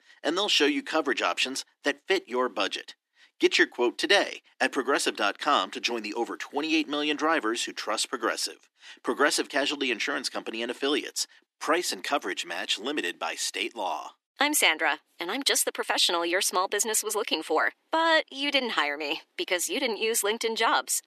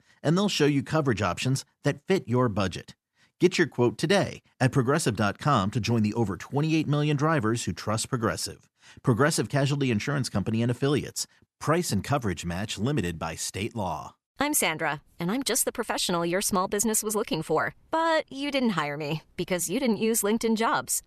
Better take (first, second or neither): second